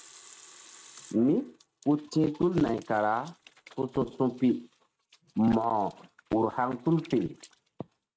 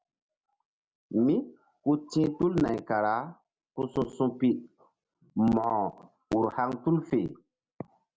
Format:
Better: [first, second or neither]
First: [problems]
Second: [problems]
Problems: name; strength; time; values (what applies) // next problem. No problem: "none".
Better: second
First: noise reduction (neural mask model RNNoise)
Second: none